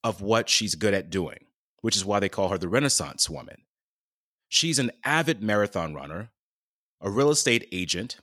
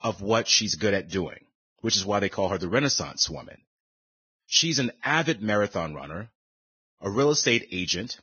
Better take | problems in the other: first | garbled, watery; badly; nothing above 6.5 kHz

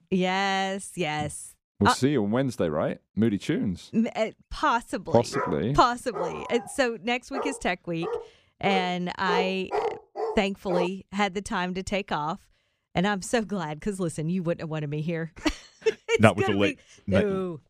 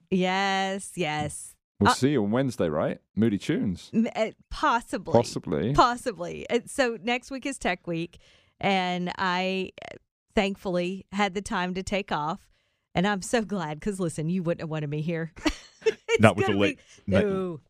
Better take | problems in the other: second | dog barking; noticeable; from 5.5 to 11 s; peak 3 dB below the speech

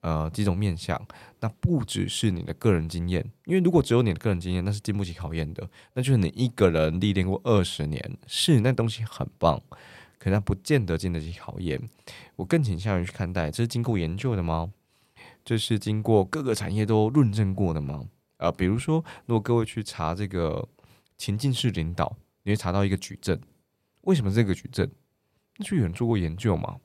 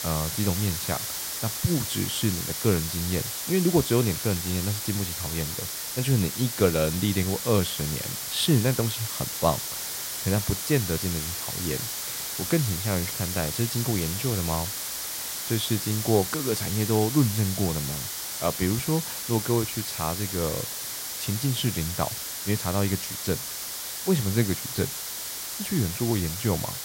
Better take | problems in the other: first | hiss; loud; throughout; 3 dB below the speech

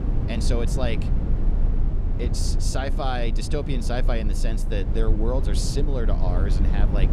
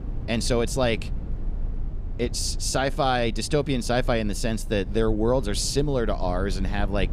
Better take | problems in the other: second | low rumble; loud; throughout; 8 dB below the speech; faint in the second

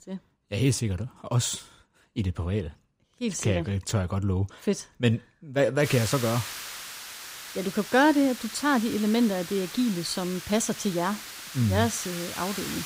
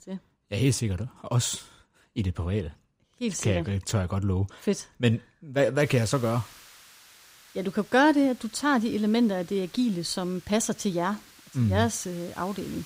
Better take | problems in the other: second | hiss; loud; from 6 s on; 10 dB below the speech; faint in the second

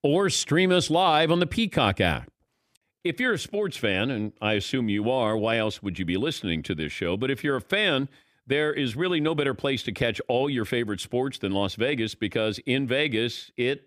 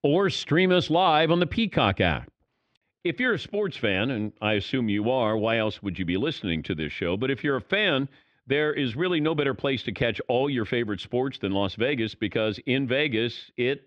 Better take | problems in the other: first | muffled; slightly; fading above 4 kHz

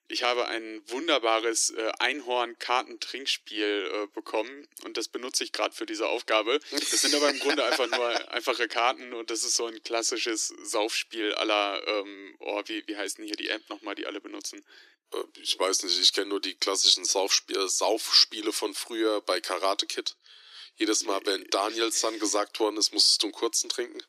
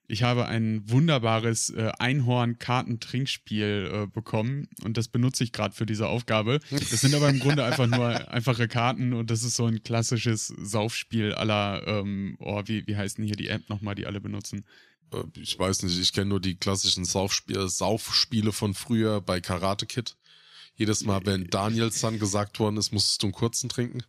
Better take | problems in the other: second | thin; very; fading below 300 Hz

